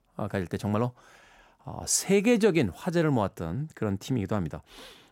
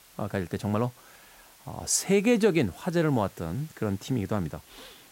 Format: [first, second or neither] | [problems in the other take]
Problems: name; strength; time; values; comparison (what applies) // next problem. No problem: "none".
first | hiss; faint; throughout; 25 dB below the speech